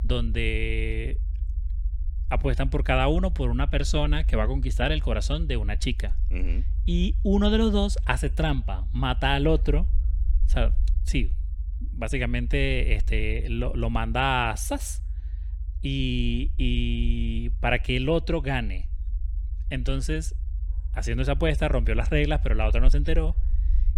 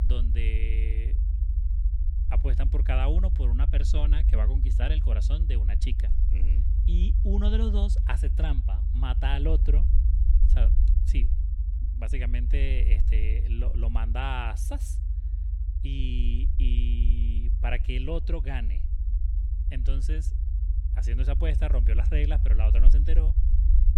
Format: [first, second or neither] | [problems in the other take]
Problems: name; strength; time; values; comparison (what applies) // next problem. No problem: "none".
first | low rumble; loud; throughout; 8 dB below the speech; faint in the first